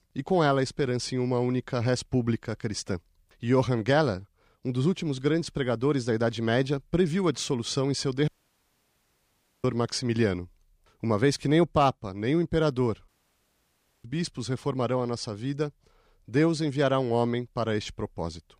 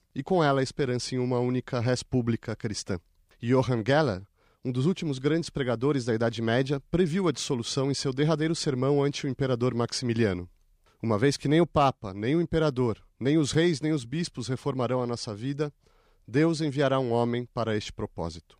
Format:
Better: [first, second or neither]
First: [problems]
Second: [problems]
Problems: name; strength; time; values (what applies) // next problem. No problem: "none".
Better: second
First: audio cutting out; at 8.5 s for 1.5 s and at 13 s for 1 s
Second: none